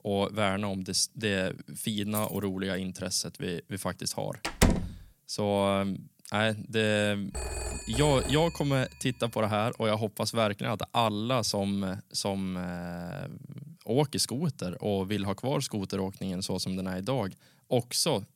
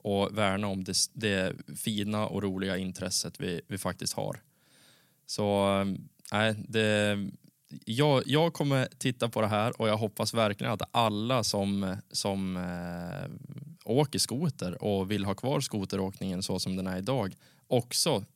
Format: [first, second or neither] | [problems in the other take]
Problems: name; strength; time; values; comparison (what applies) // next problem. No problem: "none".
second | jangling keys; noticeable; at 2 s; peak 8 dB below the speech // door banging; loud; at 4.5 s; peak 4 dB above the speech // phone ringing; noticeable; from 7.5 to 9 s; peak 4 dB below the speech